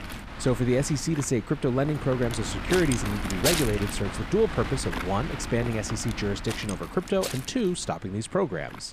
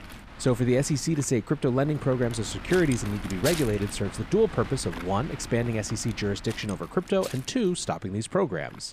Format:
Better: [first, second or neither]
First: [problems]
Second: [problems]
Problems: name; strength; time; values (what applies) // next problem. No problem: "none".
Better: second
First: wind noise on the microphone; heavy; 4 dB below the speech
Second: wind noise on the microphone; occasional gusts; 10 dB below the speech